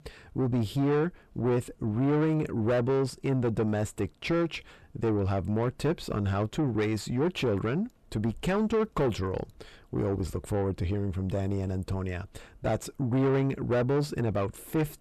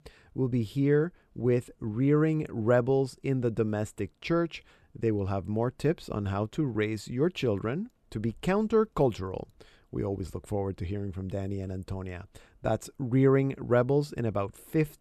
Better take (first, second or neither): second